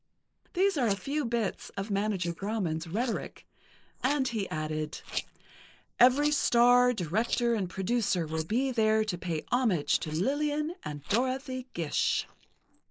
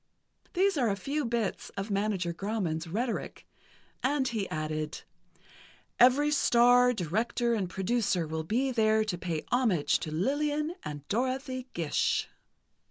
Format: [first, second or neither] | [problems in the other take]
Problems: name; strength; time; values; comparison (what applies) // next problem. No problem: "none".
second | noise reduction (neural mask model Resemble Enhance denoiser)